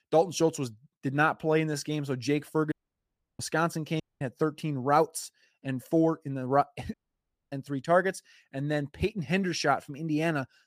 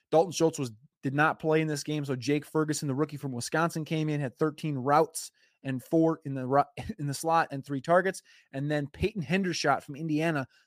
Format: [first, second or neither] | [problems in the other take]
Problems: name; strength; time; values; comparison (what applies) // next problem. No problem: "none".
second | audio cutting out; at 2.5 s for 0.5 s, at 4 s and at 7 s for 0.5 s